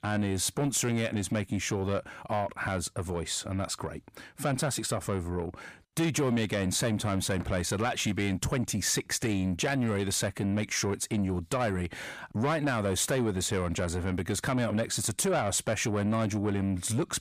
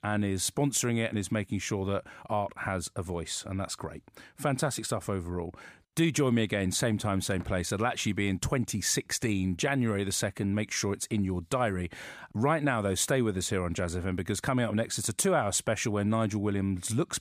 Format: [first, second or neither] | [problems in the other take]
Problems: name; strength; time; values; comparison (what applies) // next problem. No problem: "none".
second | distortion; slight; 10 dB below the speech